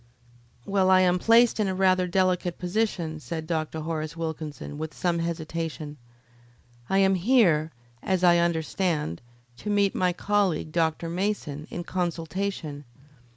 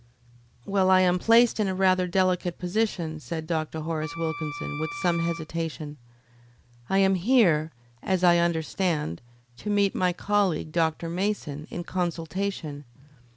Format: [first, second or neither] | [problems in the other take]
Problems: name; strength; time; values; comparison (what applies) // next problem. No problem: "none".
first | background sound (Wind instrument, woodwind instrument); 12 dB below the speech